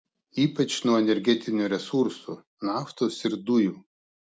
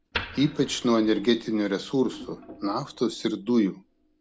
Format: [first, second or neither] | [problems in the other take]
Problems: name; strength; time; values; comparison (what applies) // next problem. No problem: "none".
first | background sound (Wood); 16 dB below the speech